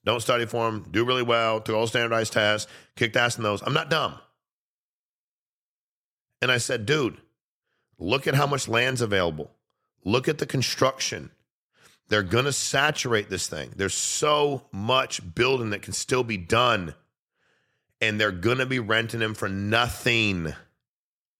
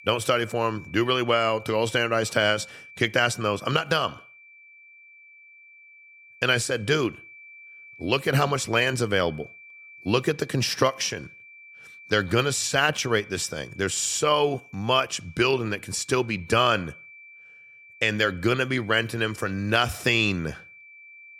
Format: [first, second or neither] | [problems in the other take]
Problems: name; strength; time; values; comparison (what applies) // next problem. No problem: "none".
first | high-pitched whine; faint; throughout; 2.5 kHz, 20 dB below the speech